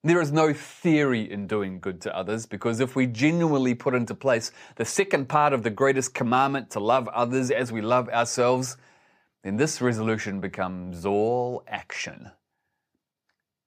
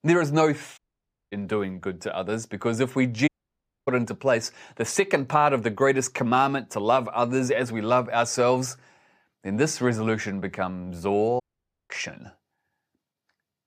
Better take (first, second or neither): first